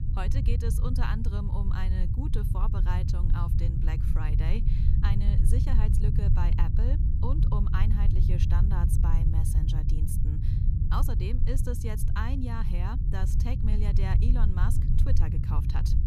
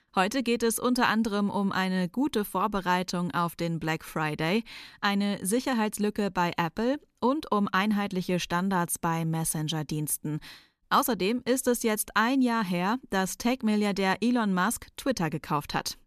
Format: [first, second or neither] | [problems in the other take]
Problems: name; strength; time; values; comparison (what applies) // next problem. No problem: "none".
second | low rumble; loud; throughout; 2 dB below the speech